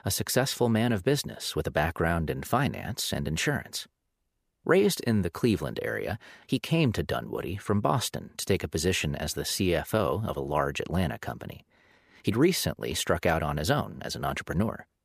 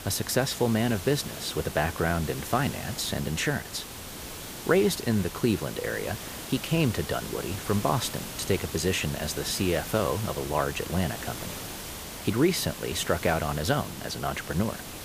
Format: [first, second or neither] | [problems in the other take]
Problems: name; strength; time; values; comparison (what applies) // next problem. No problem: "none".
first | hiss; loud; throughout; 9 dB below the speech